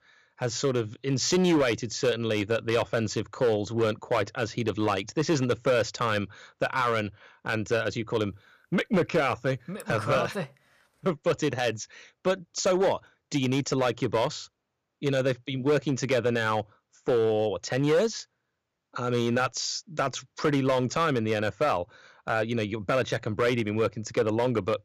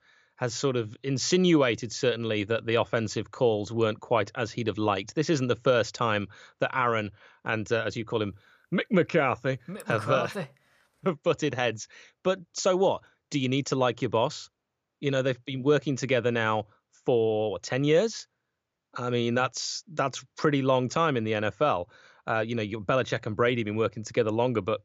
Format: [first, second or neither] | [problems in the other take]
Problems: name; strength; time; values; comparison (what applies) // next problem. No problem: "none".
second | distortion; slight; 5% of the sound clipped